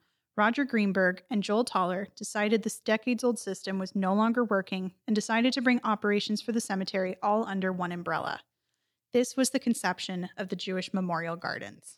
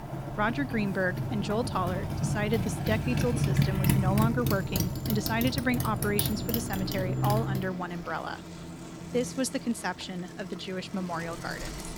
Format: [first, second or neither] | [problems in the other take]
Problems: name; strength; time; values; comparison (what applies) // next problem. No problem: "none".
first | traffic noise; very loud; throughout; 1 dB above the speech